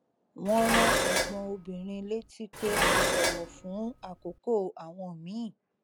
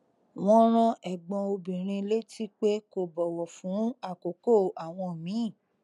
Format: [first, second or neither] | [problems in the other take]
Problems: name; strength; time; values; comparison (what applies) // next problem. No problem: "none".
second | background sound (Dishes, pots, and pans); 4 dB above the speech